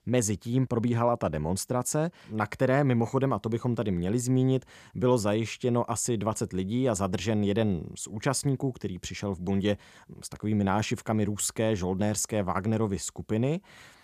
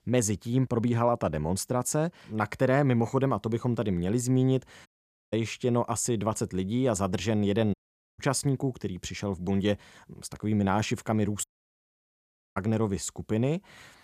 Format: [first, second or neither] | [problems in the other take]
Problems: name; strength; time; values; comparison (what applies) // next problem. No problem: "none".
first | audio cutting out; at 5 s, at 7.5 s and at 11 s for 1 s